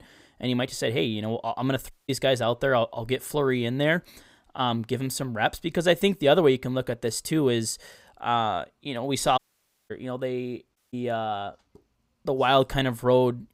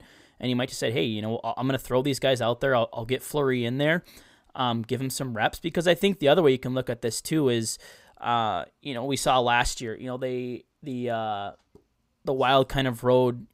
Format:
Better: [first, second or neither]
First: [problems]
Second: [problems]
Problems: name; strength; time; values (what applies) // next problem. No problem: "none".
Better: second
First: audio cutting out; at 2 s, at 9.5 s for 0.5 s and at 11 s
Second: none